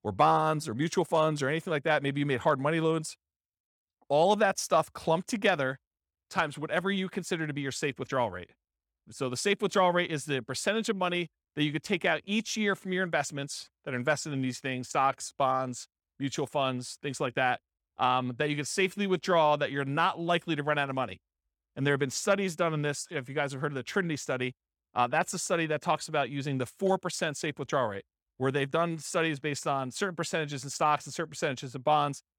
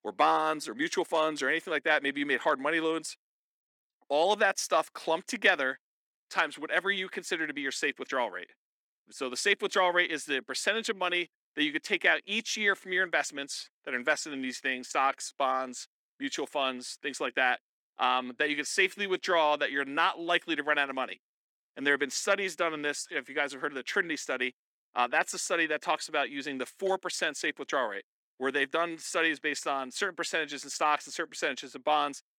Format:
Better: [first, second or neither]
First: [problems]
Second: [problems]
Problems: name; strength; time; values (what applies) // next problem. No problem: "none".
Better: first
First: none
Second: thin; very slightly; fading below 300 Hz